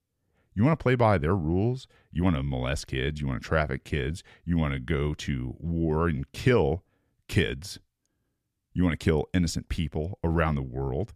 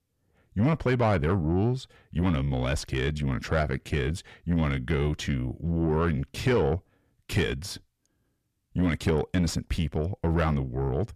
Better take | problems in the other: first | distortion; slight; 10 dB below the speech

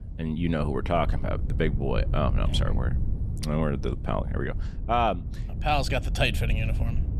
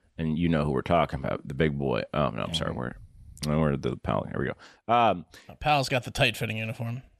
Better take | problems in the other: second | wind noise on the microphone; occasional gusts; 15 dB below the speech

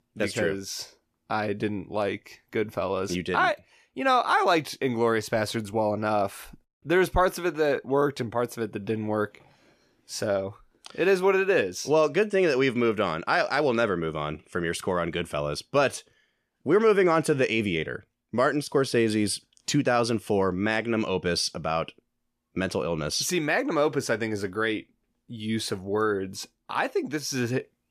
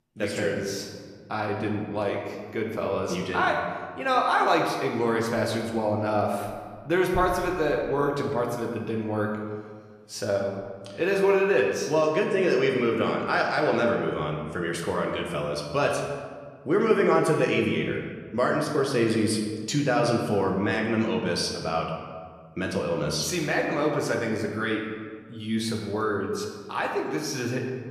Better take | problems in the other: first | room echo; noticeable; dies away in 1.4 s // off-mic speech; somewhat distant

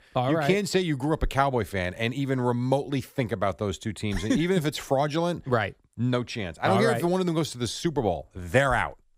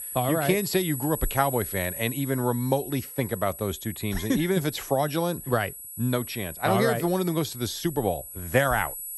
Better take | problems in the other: first | high-pitched whine; loud; throughout; 11.5 kHz, 9 dB below the speech

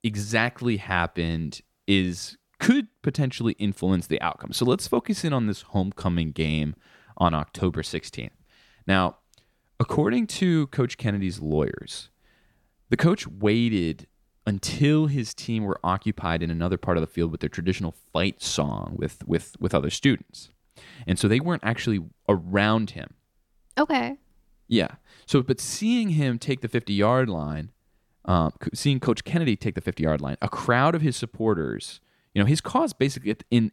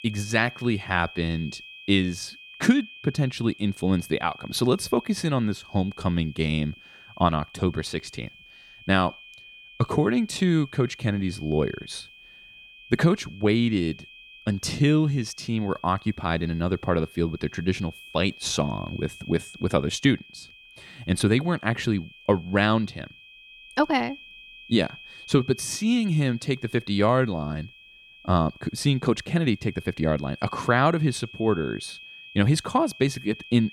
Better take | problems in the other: first | high-pitched whine; noticeable; throughout; 2.5 kHz, 20 dB below the speech

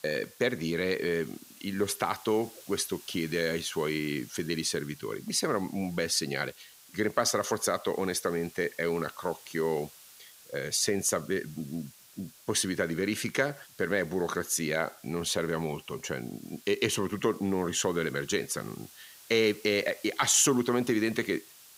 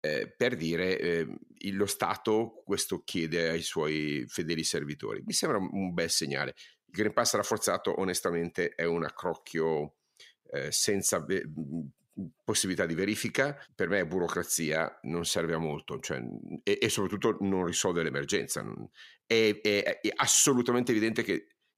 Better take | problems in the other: second | hiss; faint; throughout; 20 dB below the speech

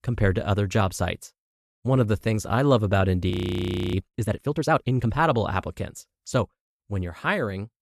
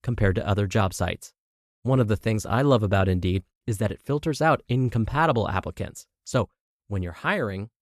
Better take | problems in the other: second | audio freezing; at 3.5 s for 0.5 s

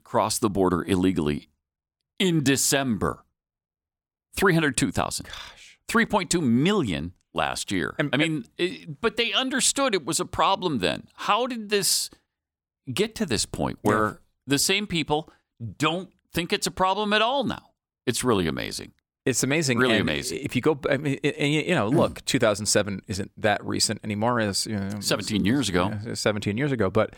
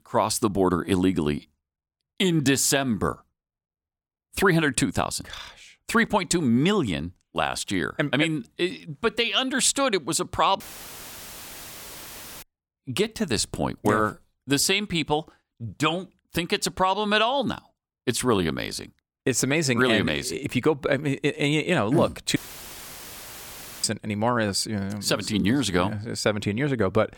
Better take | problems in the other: first | audio cutting out; filled with static; at 11 s for 2 s and at 22 s for 1.5 s

